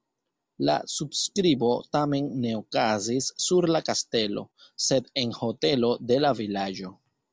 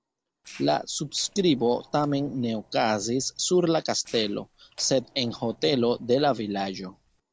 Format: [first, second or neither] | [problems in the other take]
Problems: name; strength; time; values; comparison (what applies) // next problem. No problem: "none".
first | noise reduction (neural separator model SepFormer DNS4)